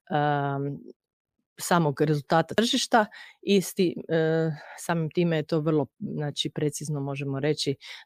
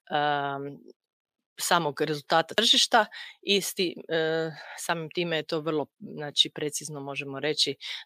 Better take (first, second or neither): first